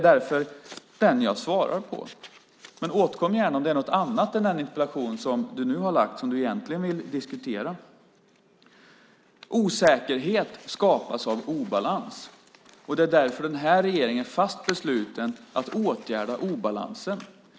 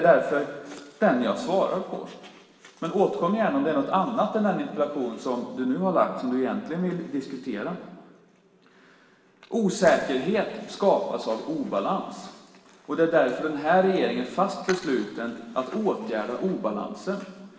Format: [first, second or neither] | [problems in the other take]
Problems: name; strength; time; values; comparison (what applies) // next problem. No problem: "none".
first | room echo; dies away in 1.4 s